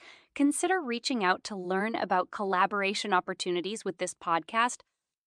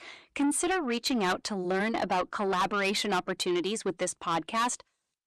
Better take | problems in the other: first | distortion; heavy; 7 dB below the speech

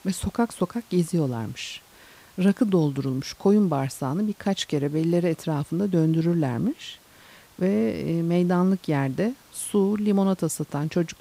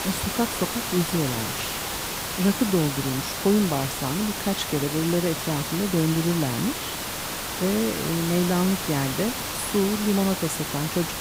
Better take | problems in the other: first | hiss; loud; throughout; 3 dB below the speech; faint in the first

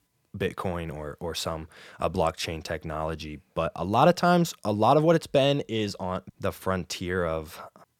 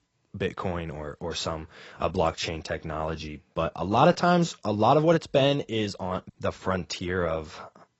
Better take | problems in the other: first | garbled, watery; badly; nothing above 7.5 kHz

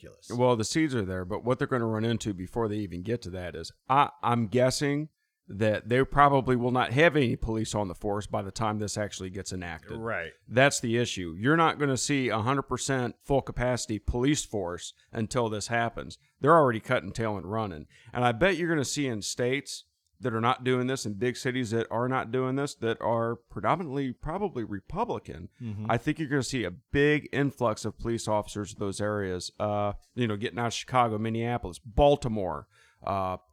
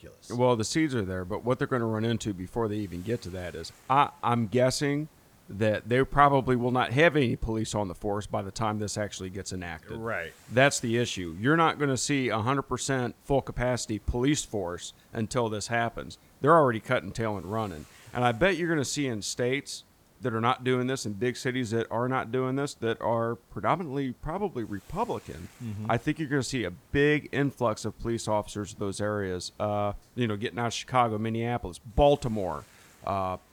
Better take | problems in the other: first | hiss; faint; throughout; 30 dB below the speech

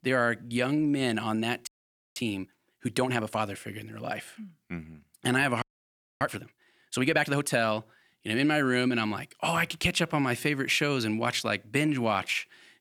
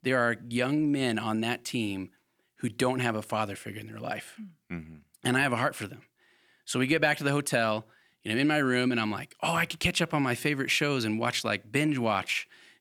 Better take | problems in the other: second | audio freezing; at 1.5 s and at 5.5 s for 0.5 s

